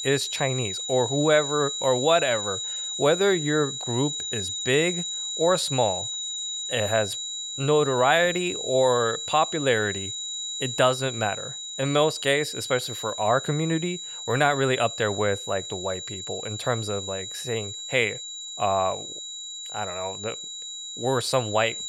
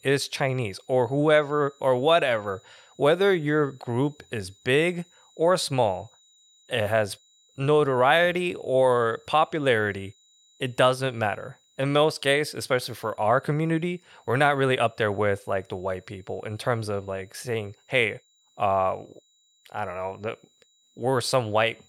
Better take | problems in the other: second | high-pitched whine; loud; throughout; 4 kHz, 5 dB below the speech; faint in the second

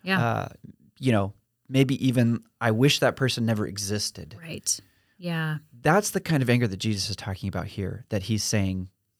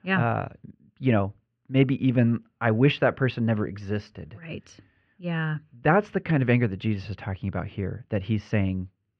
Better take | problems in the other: first | muffled; very; fading above 2.5 kHz

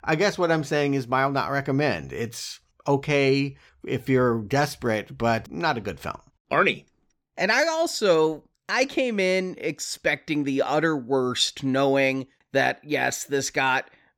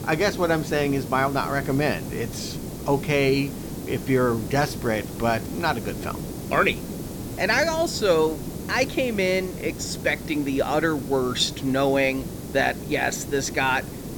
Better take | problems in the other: first | hiss; loud; throughout; 10 dB below the speech

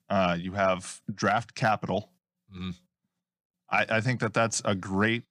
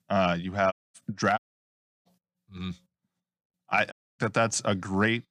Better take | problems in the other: first | audio cutting out; at 0.5 s, at 1.5 s for 0.5 s and at 4 s

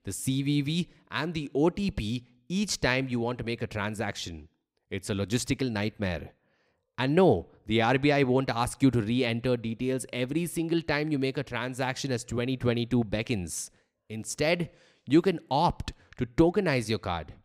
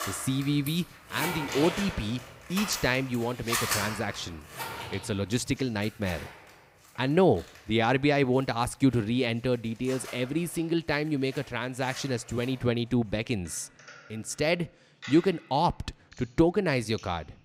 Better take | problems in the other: first | household noises; loud; throughout; 8 dB below the speech

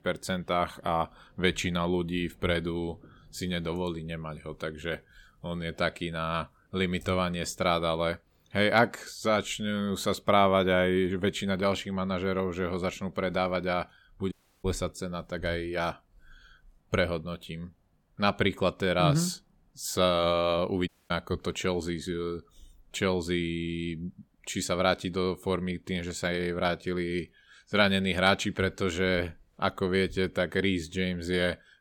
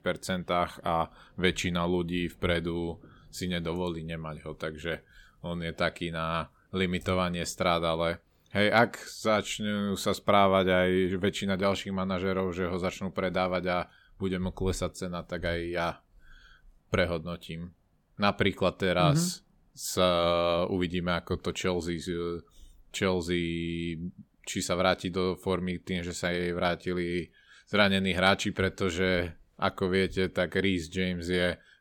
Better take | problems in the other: second | audio cutting out; at 14 s and at 21 s

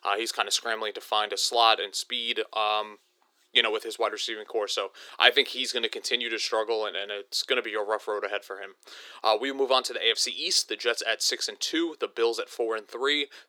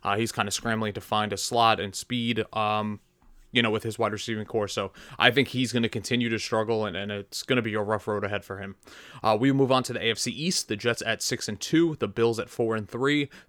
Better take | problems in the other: second | thin; very; fading below 350 Hz

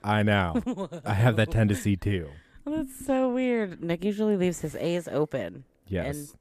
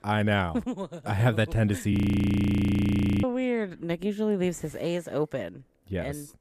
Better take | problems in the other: first | audio freezing; at 2 s for 1.5 s

